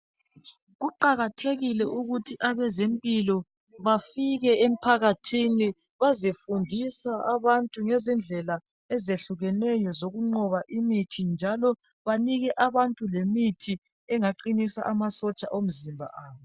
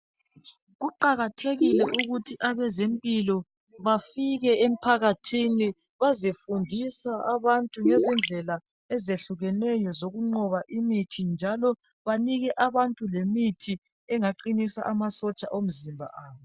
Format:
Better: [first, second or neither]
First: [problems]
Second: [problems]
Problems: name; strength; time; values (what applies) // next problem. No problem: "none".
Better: first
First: none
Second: background sound (Gurgling); 2 dB above the speech